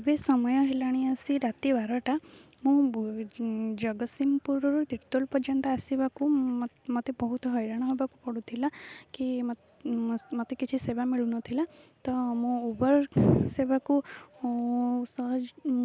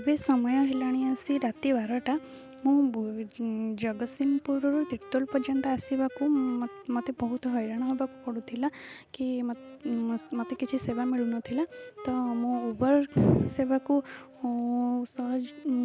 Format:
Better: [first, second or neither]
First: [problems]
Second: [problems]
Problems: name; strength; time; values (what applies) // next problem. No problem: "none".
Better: first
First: none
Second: background sound (Wind instrument, woodwind instrument); 19 dB below the speech